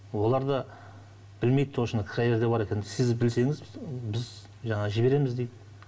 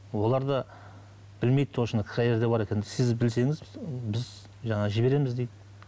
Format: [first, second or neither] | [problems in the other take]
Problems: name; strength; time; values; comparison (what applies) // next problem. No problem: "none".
second | room echo; dies away in 0.4 s